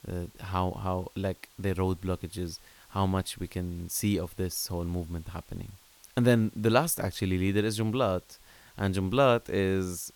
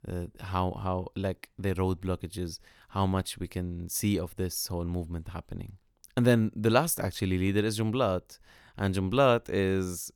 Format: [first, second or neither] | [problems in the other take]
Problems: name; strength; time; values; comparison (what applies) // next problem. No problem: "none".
second | hiss; faint; throughout; 25 dB below the speech